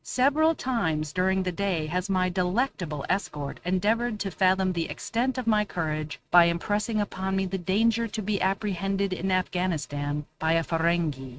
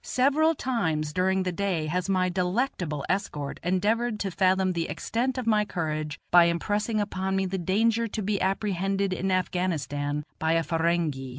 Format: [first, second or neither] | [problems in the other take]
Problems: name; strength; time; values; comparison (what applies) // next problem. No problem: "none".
second | noise reduction (neural mask model RNNoise)